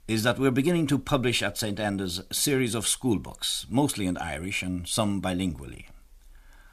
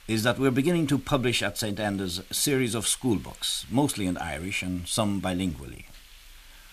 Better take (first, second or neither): first